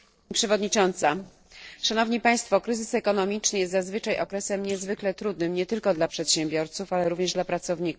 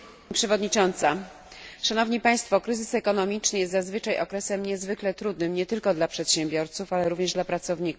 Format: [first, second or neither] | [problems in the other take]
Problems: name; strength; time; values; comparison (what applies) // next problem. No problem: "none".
second | noise reduction (neural separator model SepFormer DNS4)